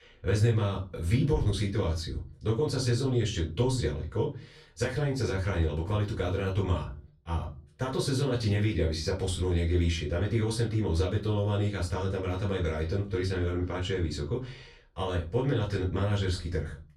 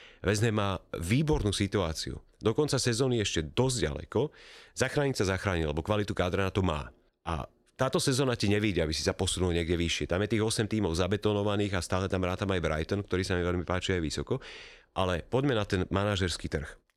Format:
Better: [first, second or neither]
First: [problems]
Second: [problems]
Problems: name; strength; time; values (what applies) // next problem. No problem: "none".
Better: second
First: room echo; very slight; dies away in 0.4 s // off-mic speech; far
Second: none